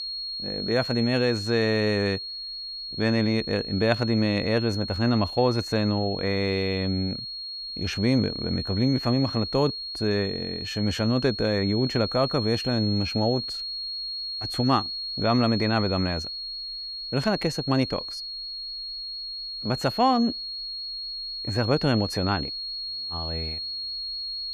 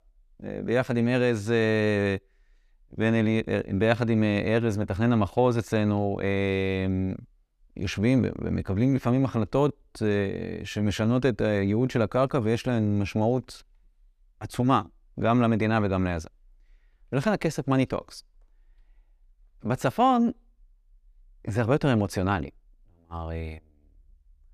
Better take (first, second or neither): second